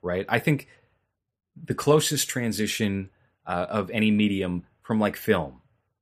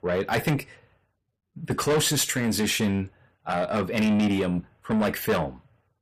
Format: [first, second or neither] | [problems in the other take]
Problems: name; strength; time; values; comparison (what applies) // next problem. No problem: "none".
first | distortion; heavy; 7 dB below the speech